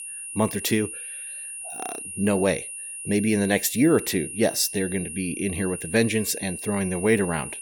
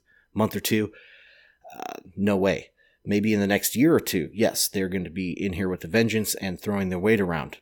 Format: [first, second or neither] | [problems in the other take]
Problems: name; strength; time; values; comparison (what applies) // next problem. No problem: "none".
second | high-pitched whine; loud; throughout; 9.5 kHz, 9 dB below the speech